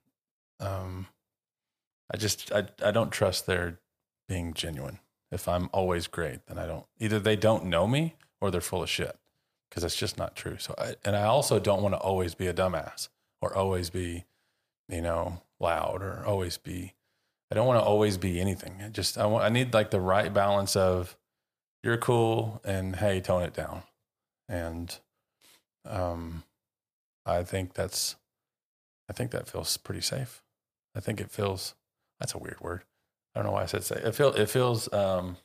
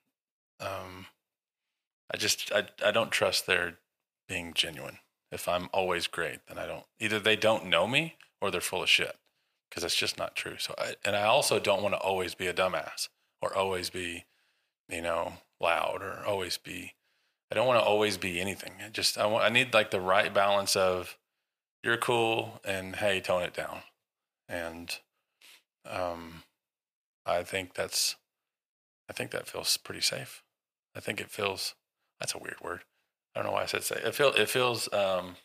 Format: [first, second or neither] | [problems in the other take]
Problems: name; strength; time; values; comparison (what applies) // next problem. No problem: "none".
first | thin; somewhat; fading below 850 Hz